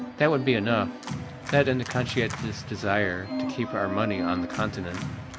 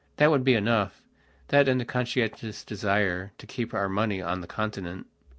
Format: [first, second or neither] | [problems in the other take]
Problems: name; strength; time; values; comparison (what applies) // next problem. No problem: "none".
second | background sound (Organ); 6 dB below the speech